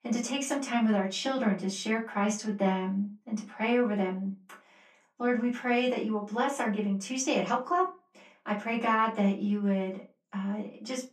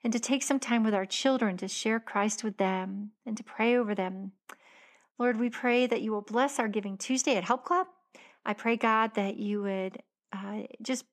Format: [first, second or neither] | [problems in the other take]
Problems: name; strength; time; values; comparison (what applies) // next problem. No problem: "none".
second | off-mic speech; far // room echo; very slight; dies away in 0.2 s